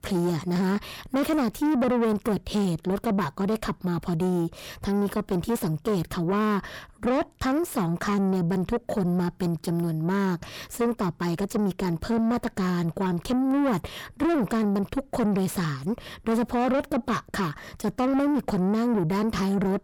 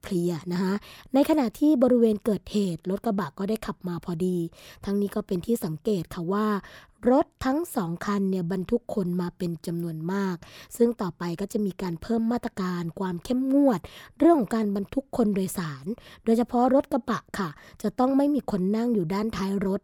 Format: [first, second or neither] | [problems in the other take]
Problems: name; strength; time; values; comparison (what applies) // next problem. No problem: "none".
second | distortion; heavy; 7 dB below the speech